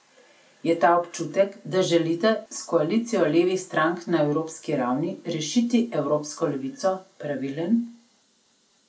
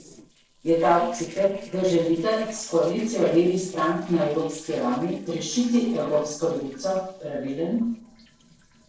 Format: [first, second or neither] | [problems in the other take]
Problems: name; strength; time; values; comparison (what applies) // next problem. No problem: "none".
first | noise reduction (neural separator model SepFormer DNS4)